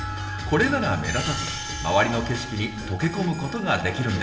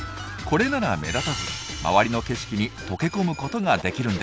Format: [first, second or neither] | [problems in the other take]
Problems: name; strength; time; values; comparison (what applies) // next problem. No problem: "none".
second | background sound (Wind instrument, woodwind instrument); 15 dB below the speech // room echo; dies away in 1.6 s